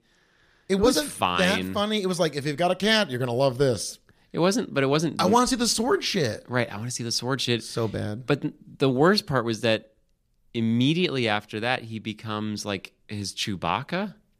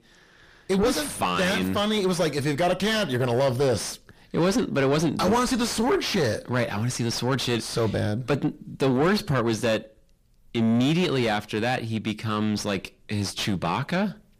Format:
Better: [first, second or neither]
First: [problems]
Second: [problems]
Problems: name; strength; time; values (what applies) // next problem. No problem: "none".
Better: first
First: none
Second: distortion; heavy; 5 dB below the speech